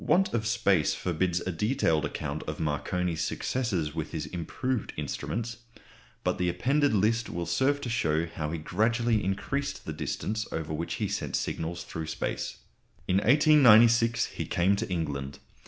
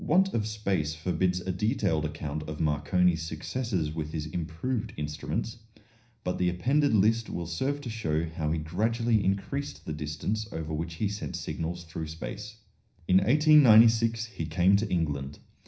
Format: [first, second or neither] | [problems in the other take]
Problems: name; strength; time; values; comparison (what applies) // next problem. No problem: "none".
first | room echo; dies away in 0.5 s